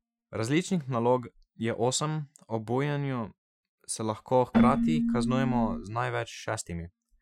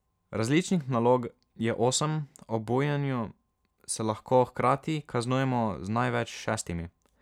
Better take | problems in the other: second | noise reduction (classical method Wiener filter)

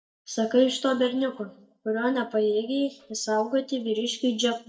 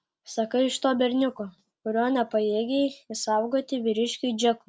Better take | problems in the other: second | noise reduction (neural mask model DeepFilterNet 3)

